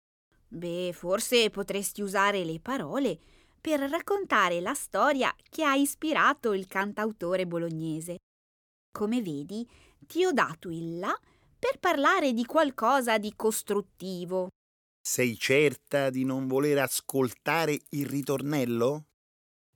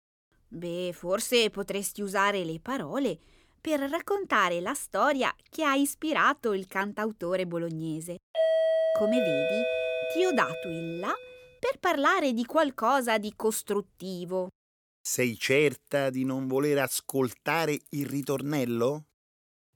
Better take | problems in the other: first | doorbell; loud; from 8.5 to 11 s; peak 4 dB above the speech

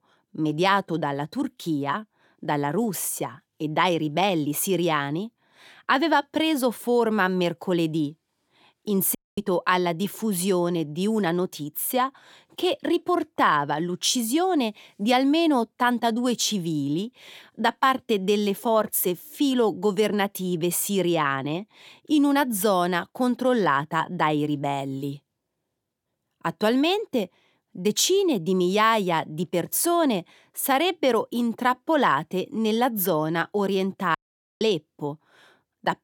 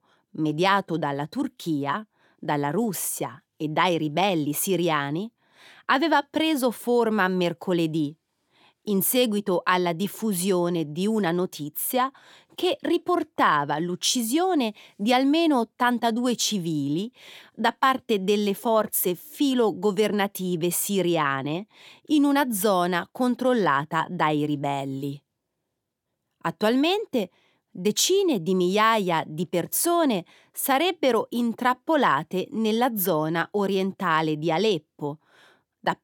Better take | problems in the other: second | audio cutting out; at 9 s and at 34 s

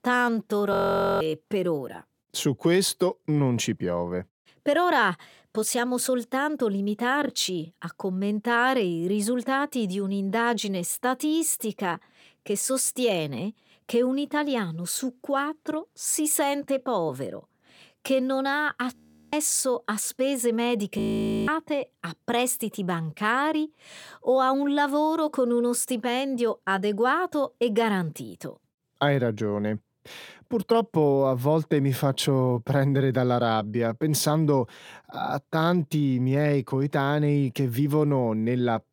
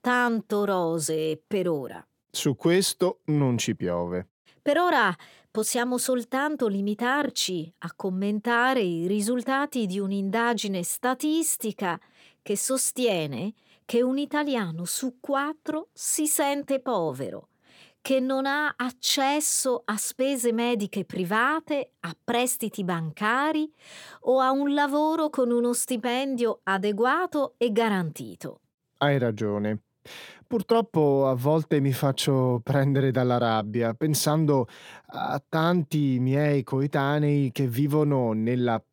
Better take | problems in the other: second | audio freezing; at 0.5 s, at 19 s and at 21 s

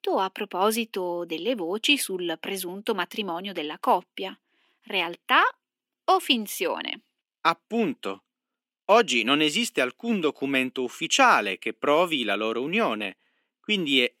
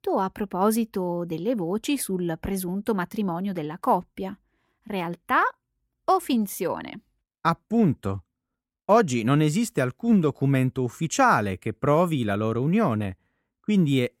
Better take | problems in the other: second | thin; very slightly; fading below 250 Hz

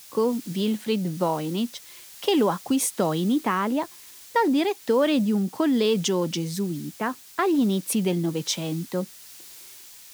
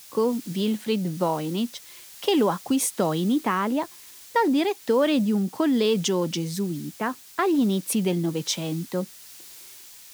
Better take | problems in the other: neither | hiss; noticeable; throughout; 20 dB below the speech; the same in both

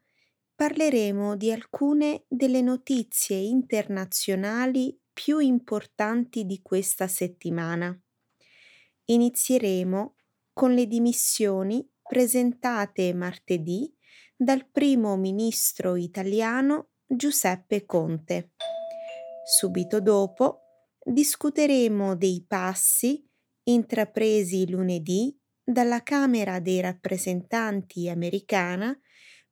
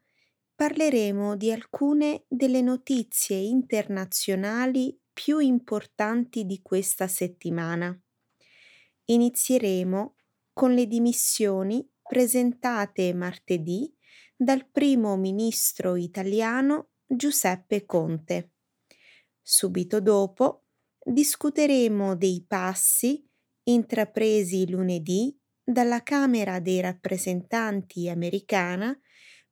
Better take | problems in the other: second | doorbell; noticeable; from 19 to 20 s; peak 8 dB below the speech

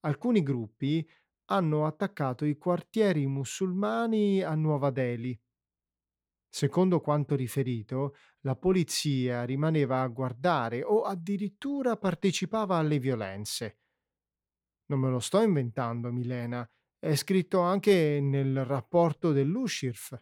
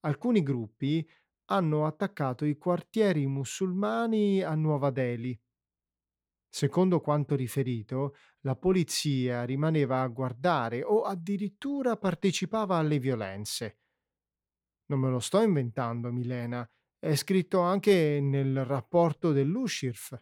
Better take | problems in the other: neither | none

